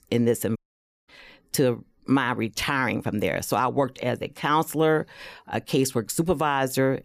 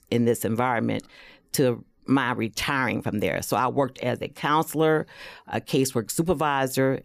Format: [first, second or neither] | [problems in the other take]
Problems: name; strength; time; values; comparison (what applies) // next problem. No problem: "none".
second | audio cutting out; at 0.5 s for 0.5 s